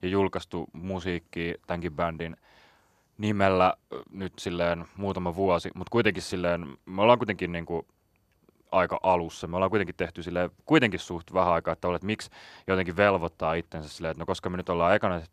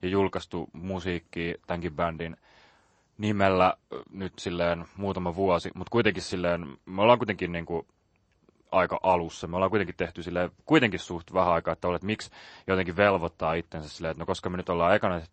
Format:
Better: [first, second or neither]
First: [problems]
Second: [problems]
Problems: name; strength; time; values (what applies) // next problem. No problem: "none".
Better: first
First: none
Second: garbled, watery; slightly; nothing above 8 kHz